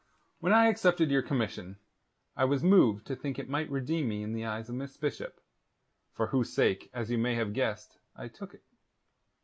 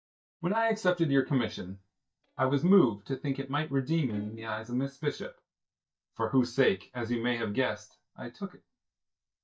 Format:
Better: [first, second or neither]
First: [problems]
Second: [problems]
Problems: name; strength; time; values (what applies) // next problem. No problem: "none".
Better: first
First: none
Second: noise reduction (neural mask model DeepFilterNet 3)